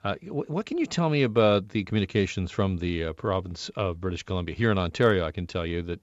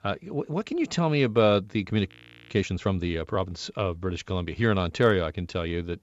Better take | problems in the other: first | audio freezing; at 2 s

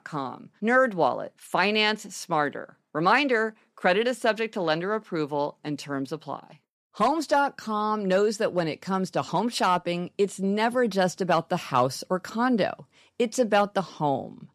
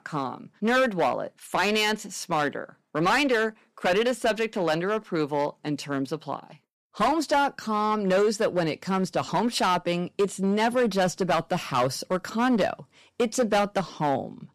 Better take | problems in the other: first | distortion; slight; 7% of the sound clipped

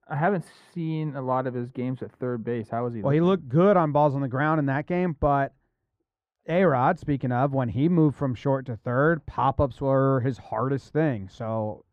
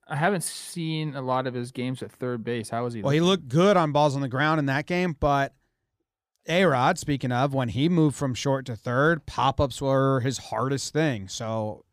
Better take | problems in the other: second | muffled; very; fading above 3 kHz

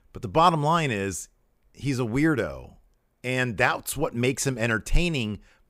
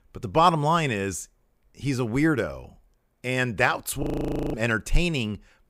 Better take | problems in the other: first | audio freezing; at 4 s for 0.5 s

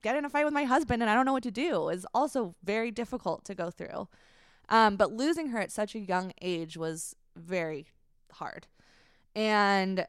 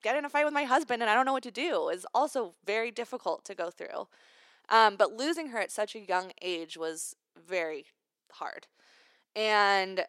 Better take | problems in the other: first | thin; somewhat; fading below 350 Hz

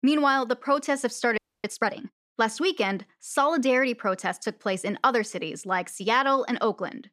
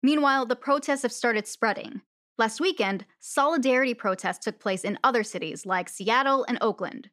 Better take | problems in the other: second | audio freezing; at 1.5 s

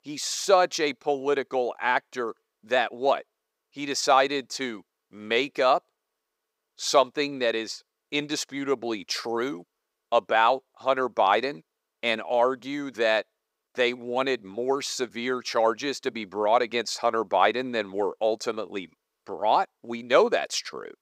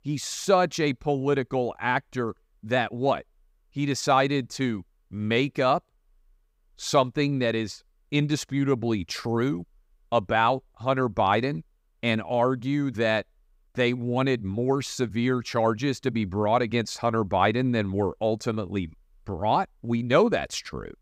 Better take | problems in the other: second | thin; somewhat; fading below 450 Hz

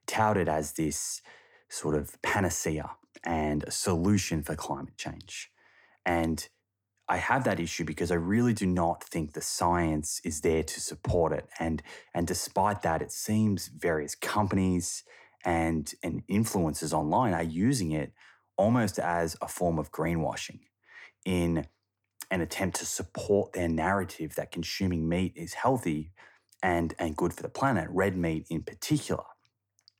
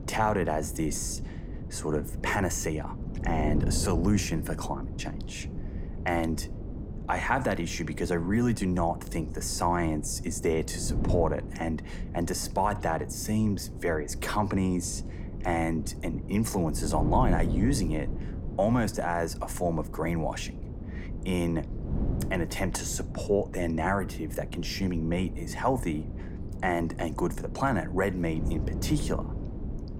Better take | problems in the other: first | wind noise on the microphone; occasional gusts; 15 dB below the speech

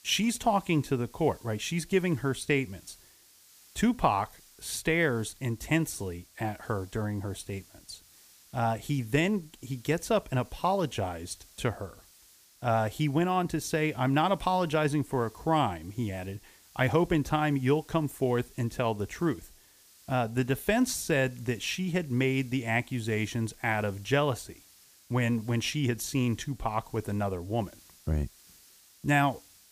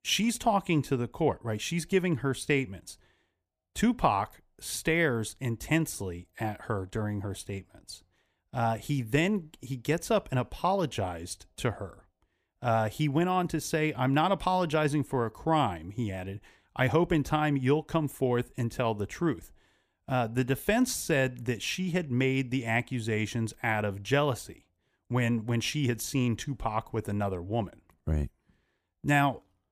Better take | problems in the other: second | hiss; faint; throughout; 25 dB below the speech

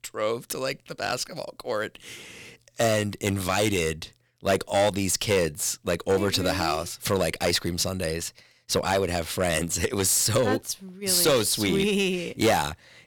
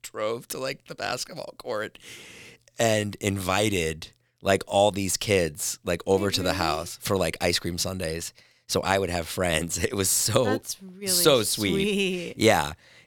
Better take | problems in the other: second | distortion; slight; 4% of the sound clipped

